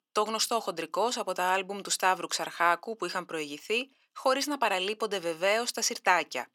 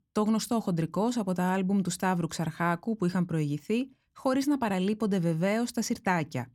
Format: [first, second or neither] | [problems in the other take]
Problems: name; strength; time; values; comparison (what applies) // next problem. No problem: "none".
second | thin; very; fading below 450 Hz